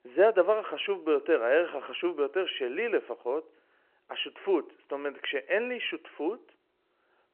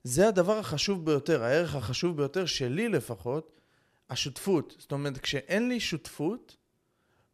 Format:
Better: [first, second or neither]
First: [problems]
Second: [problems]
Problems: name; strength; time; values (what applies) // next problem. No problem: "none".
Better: second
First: phone-call audio; nothing above 3 kHz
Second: none